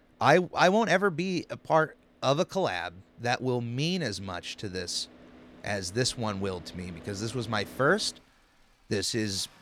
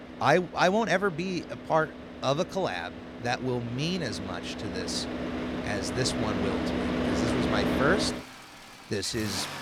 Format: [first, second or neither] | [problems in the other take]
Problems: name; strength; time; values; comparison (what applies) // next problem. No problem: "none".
first | traffic noise; loud; throughout; 4 dB below the speech; faint in the first